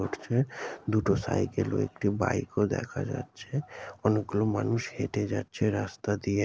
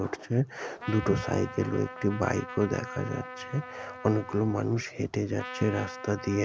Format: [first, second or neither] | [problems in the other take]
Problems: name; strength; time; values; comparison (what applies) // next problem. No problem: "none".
first | background sound (Trumpet); 13 dB below the speech